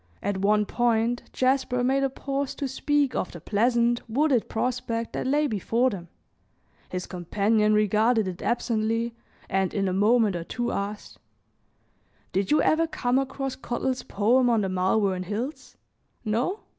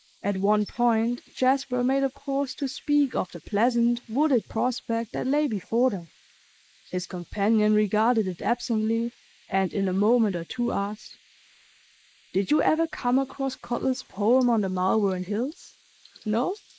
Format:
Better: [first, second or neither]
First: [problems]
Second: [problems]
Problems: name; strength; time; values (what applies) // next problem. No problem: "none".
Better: first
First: none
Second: noise reduction (neural mask model Resemble Enhance denoiser)